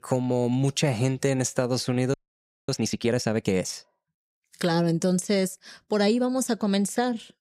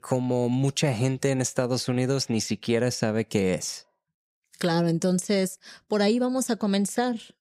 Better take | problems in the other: second | audio freezing; at 2 s for 0.5 s

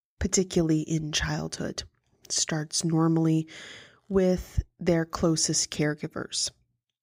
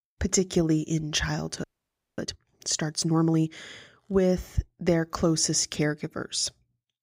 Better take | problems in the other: first | audio freezing; at 1.5 s for 0.5 s

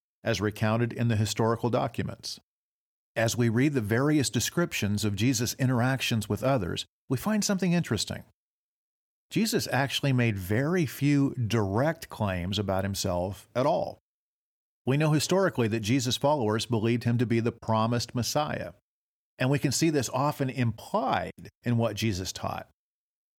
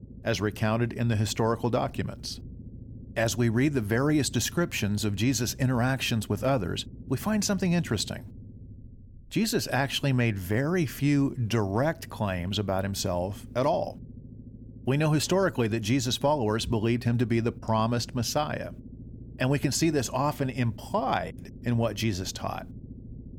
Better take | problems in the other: first | low rumble; faint; throughout; 25 dB below the speech

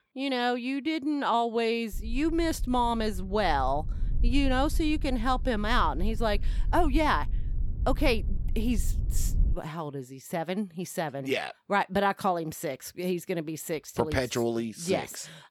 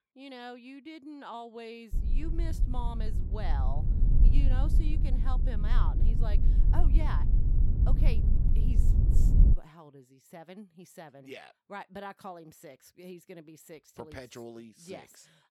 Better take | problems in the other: first | low rumble; loud; from 2 to 9.5 s; 2 dB below the speech; faint in the first

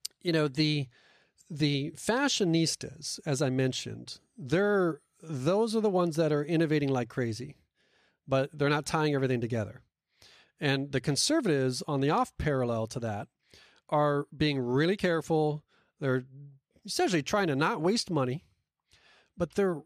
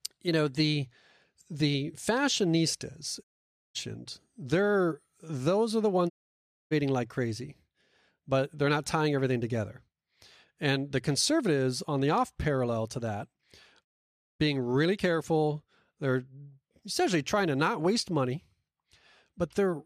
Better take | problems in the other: first | audio cutting out; at 3 s for 0.5 s, at 6 s for 0.5 s and at 14 s for 0.5 s

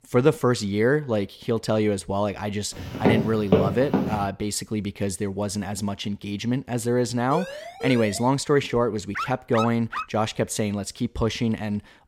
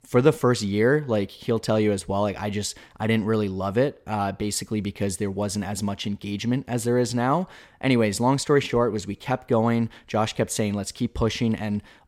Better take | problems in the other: second | footsteps; loud; from 3 to 4 s; peak 3 dB above the speech // siren; noticeable; at 7.5 s; peak 8 dB below the speech // dog barking; noticeable; at 9 s; peak 6 dB below the speech

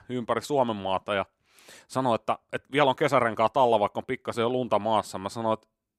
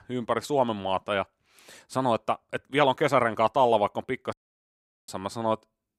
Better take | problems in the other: first | audio cutting out; at 4.5 s for 1 s

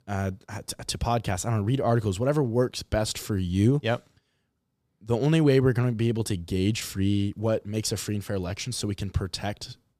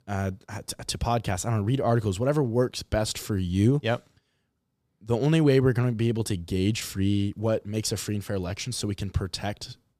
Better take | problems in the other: neither | none

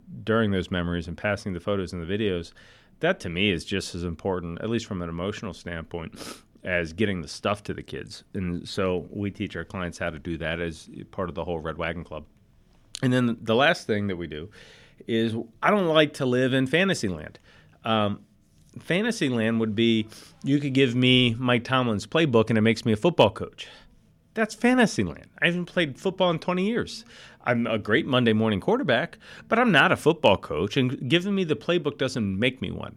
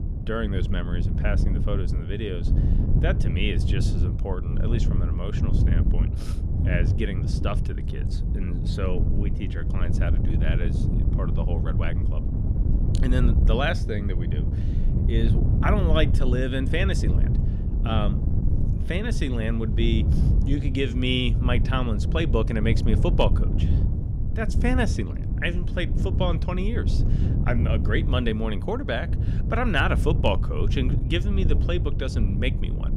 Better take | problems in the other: first | wind noise on the microphone; heavy; 8 dB below the speech

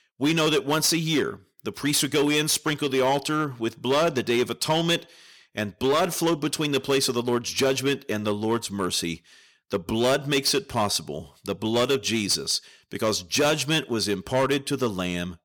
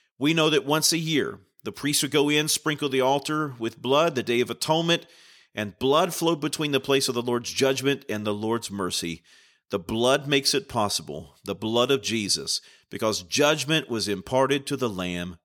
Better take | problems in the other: second | distortion; slight; 7% of the sound clipped

